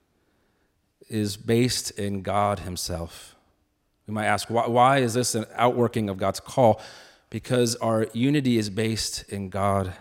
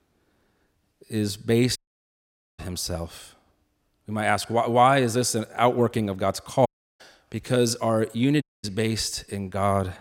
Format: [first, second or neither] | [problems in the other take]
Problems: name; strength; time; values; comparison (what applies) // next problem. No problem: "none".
first | audio cutting out; at 2 s for 1 s, at 6.5 s and at 8.5 s